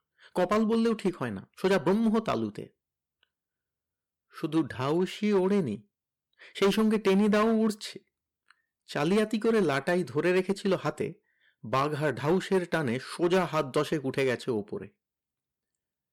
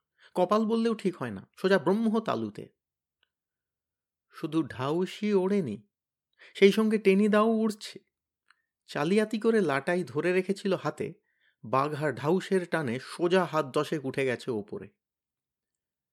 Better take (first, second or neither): second